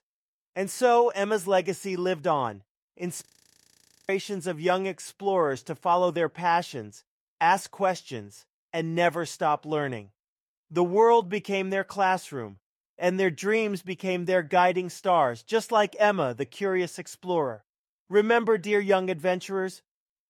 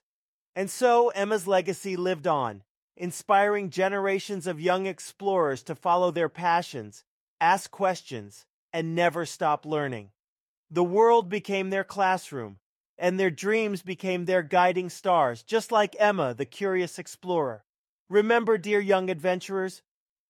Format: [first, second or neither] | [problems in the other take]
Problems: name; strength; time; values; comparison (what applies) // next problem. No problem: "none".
second | audio freezing; at 3.5 s for 1 s